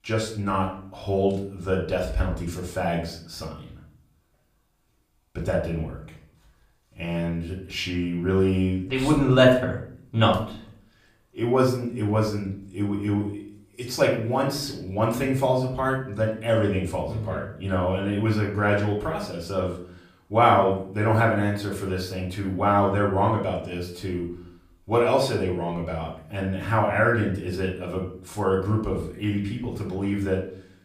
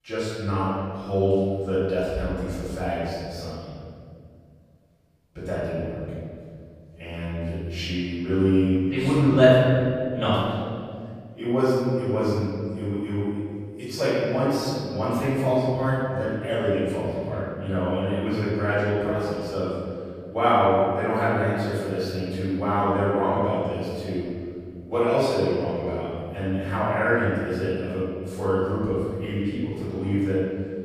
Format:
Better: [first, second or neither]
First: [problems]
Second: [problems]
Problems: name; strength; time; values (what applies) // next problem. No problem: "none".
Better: first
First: room echo; slight; dies away in 0.5 s // off-mic speech; far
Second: room echo; strong; dies away in 2.3 s // off-mic speech; far